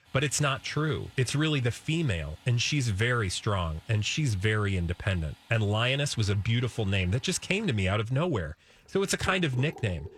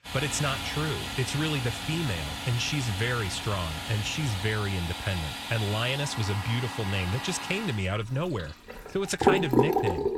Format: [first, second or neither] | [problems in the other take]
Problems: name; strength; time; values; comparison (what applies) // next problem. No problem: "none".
first | household noises; loud; throughout; 2 dB below the speech; faint in the first